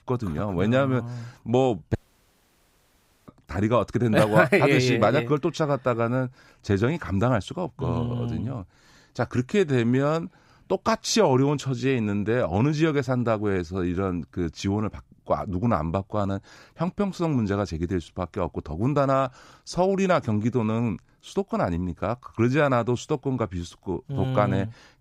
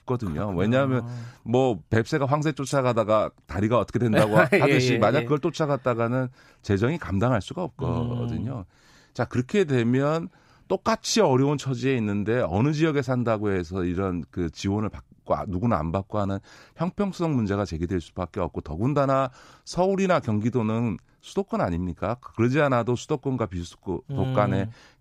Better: second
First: audio cutting out; at 2 s for 1.5 s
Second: none

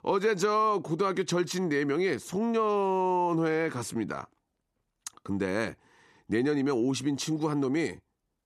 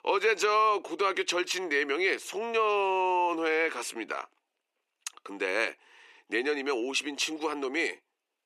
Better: first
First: none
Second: thin; somewhat; fading below 400 Hz

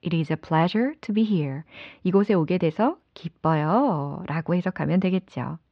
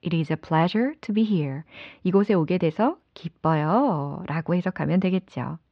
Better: neither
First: muffled; slightly; fading above 3.5 kHz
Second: muffled; slightly; fading above 3.5 kHz

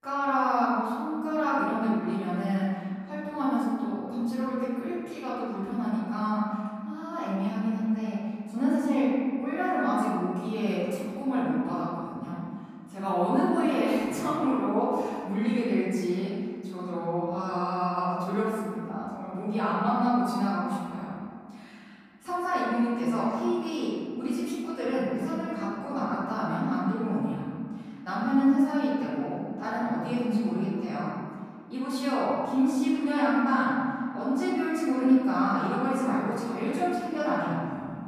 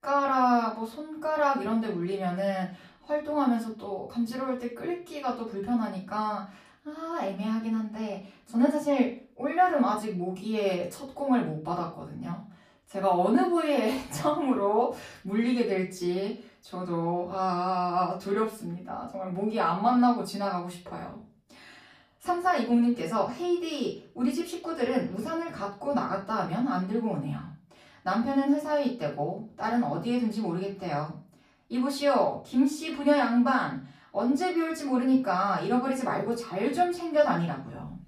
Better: second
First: room echo; strong; dies away in 1.9 s // off-mic speech; far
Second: room echo; slight; dies away in 0.4 s // off-mic speech; far

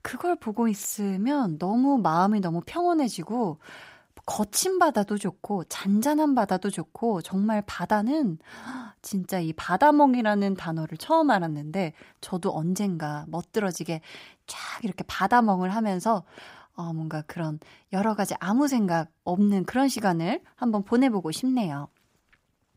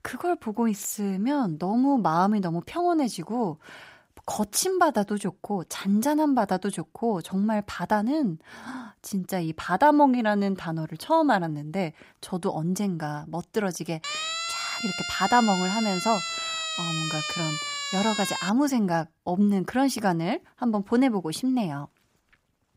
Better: first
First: none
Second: siren; noticeable; from 14 to 19 s; peak 2 dB below the speech

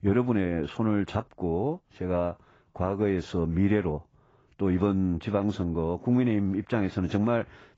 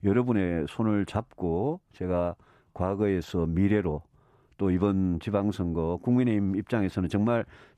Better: second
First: garbled, watery; badly; nothing above 7.5 kHz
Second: none

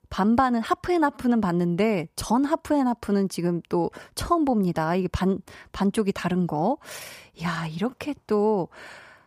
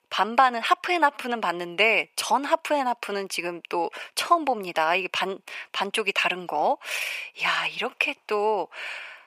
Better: first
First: none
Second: thin; very; fading below 650 Hz

